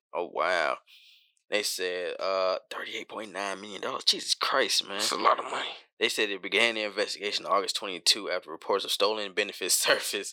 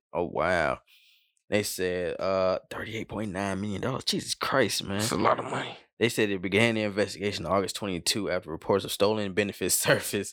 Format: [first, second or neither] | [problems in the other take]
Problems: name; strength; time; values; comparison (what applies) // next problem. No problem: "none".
second | thin; somewhat; fading below 450 Hz